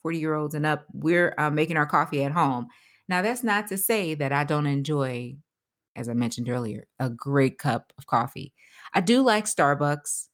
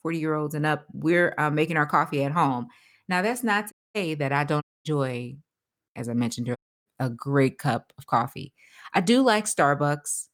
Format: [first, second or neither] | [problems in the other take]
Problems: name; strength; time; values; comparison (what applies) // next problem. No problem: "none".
first | audio cutting out; at 3.5 s, at 4.5 s and at 6.5 s